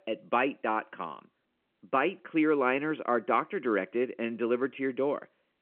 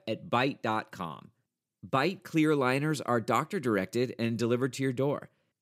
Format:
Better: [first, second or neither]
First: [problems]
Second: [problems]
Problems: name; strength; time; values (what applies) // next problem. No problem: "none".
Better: second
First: phone-call audio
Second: none